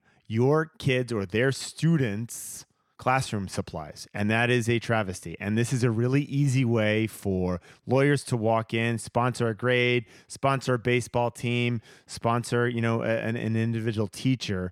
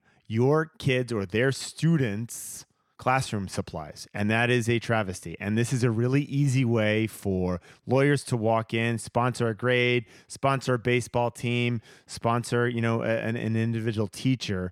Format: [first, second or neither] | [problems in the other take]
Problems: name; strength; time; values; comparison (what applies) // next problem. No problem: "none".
neither | none